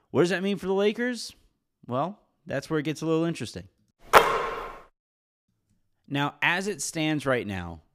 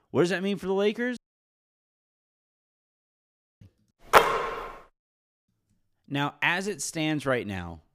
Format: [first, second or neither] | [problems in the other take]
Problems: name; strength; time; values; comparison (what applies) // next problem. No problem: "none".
first | audio cutting out; at 1 s for 2.5 s